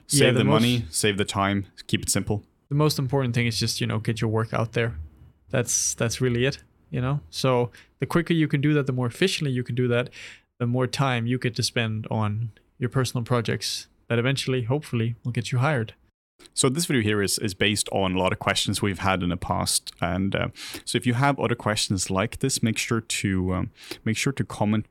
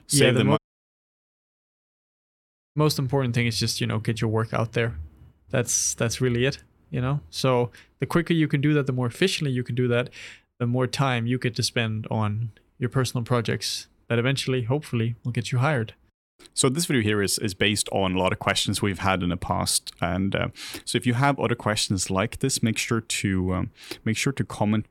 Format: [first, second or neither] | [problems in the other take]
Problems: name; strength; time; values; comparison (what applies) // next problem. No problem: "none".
first | audio cutting out; at 0.5 s for 2 s